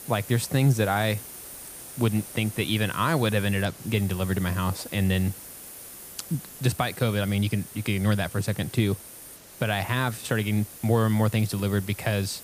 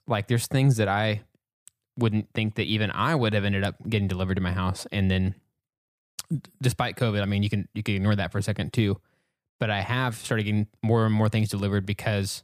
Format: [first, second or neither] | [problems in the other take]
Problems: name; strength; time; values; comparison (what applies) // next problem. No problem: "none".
second | hiss; noticeable; throughout; 15 dB below the speech